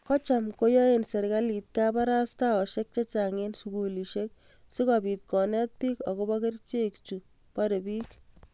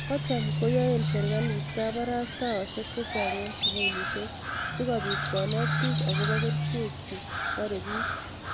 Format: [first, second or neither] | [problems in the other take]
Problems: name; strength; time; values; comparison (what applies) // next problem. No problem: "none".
first | background sound (Crow); 2 dB above the speech